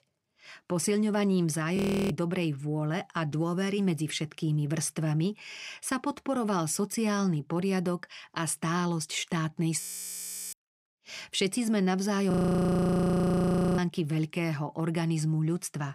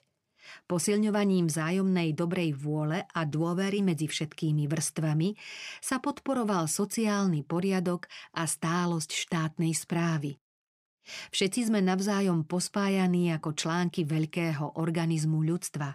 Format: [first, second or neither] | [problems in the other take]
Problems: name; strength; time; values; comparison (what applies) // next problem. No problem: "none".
second | audio freezing; at 2 s, at 10 s for 0.5 s and at 12 s for 1.5 s